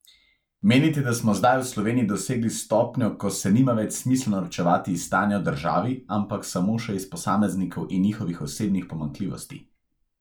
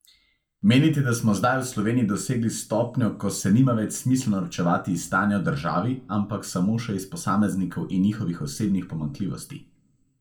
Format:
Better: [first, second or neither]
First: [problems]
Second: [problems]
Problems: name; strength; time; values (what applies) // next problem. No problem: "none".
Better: first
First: none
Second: room echo; dies away in 0.4 s